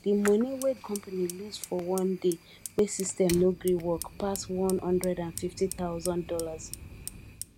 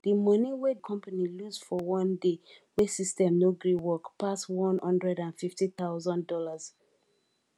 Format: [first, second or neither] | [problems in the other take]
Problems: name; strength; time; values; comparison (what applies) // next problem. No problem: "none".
second | background sound (Fire); 13 dB below the speech